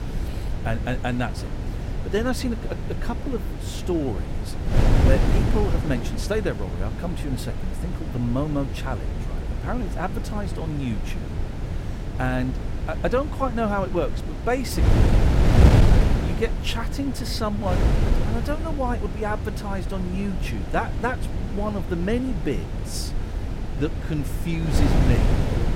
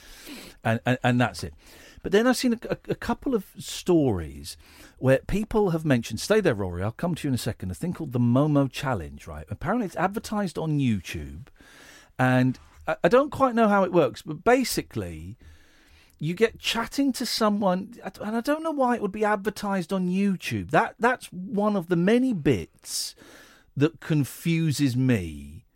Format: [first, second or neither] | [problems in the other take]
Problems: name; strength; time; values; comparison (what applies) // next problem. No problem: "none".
second | wind noise on the microphone; heavy; 4 dB below the speech